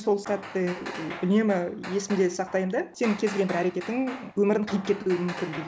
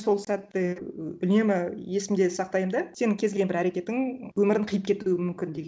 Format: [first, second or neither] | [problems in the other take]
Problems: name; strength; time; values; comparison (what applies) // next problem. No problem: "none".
second | background sound (Hammer); 14 dB below the speech